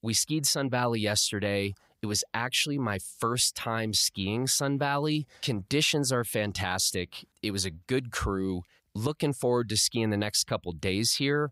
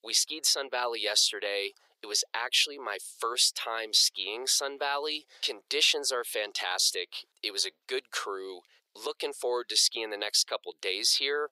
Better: first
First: none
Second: thin; very; fading below 400 Hz

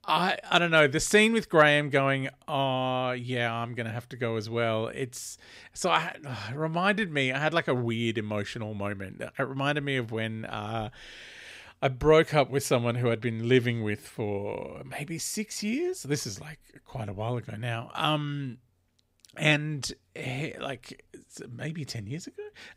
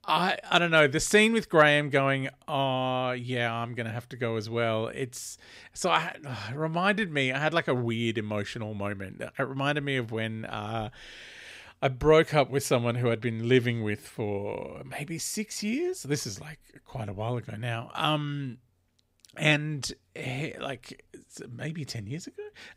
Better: neither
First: none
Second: none

